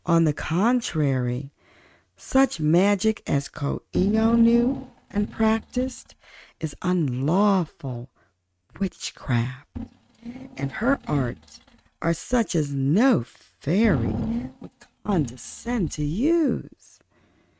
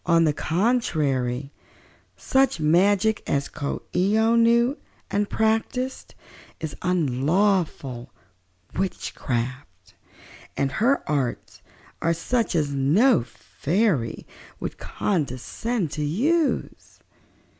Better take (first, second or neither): second